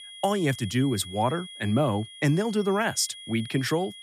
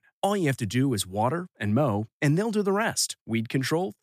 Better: second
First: high-pitched whine; noticeable; throughout; 3.5 kHz, 15 dB below the speech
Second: none

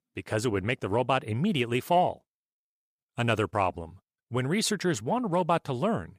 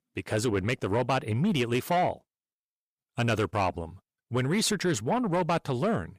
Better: first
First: none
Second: distortion; slight; 10 dB below the speech

